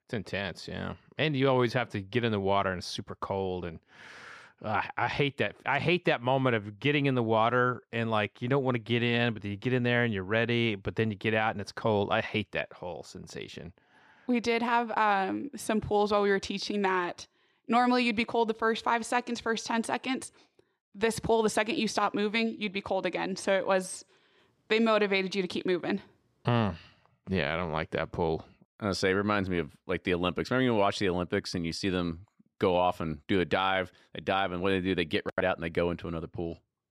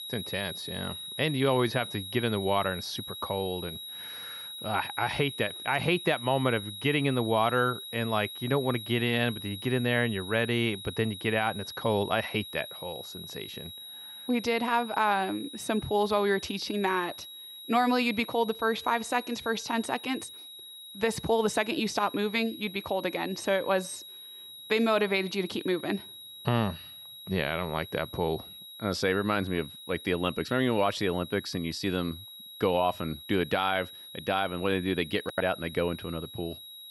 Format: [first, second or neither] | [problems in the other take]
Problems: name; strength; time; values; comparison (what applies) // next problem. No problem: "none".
first | high-pitched whine; noticeable; throughout; 4 kHz, 10 dB below the speech